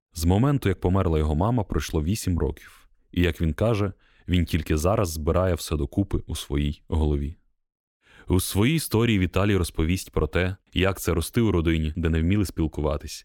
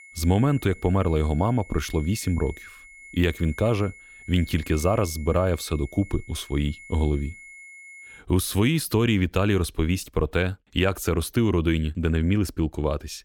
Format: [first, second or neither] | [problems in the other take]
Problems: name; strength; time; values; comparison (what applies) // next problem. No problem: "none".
first | high-pitched whine; noticeable; until 8 s; 2 kHz, 20 dB below the speech